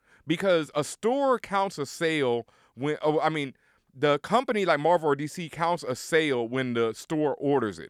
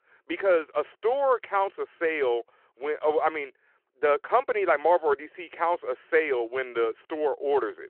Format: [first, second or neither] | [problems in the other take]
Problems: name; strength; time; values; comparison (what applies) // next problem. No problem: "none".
first | phone-call audio